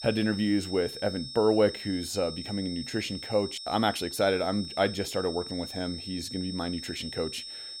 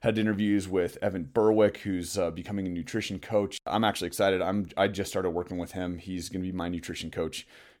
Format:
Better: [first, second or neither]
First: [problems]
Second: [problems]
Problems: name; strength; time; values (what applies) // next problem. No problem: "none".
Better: second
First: high-pitched whine; loud; throughout; 5.5 kHz, 9 dB below the speech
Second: none